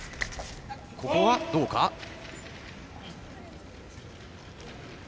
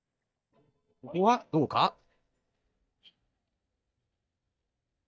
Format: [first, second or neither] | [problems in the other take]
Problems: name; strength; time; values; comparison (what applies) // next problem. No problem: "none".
first | noise reduction (neural mask model DeepFilterNet 3)